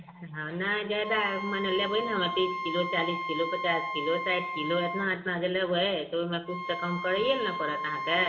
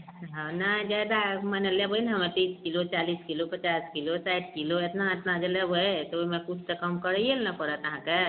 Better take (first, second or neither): second